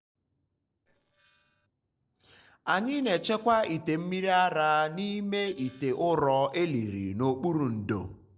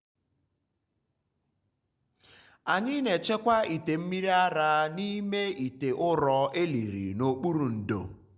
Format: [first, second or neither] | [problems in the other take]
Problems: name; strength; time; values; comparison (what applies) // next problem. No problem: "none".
second | noise reduction (neural separator model SepFormer DNS4)